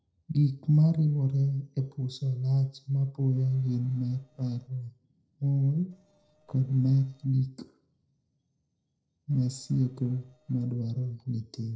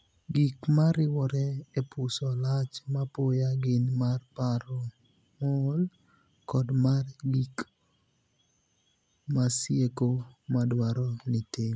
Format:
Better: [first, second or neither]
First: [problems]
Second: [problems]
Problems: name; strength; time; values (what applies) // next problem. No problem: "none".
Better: second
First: noise reduction (neural separator model SepFormer DNS4)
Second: none